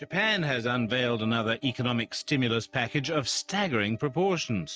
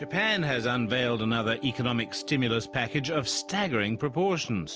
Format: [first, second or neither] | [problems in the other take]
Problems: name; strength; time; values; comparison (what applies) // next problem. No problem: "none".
second | noise reduction (neural mask model RNNoise)